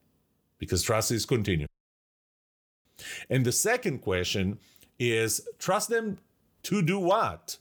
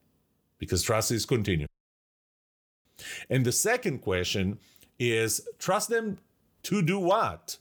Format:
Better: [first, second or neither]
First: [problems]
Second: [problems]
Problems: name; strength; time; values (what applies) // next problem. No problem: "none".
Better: neither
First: audio cutting out; at 1.5 s for 1 s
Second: audio cutting out; at 1.5 s for 1 s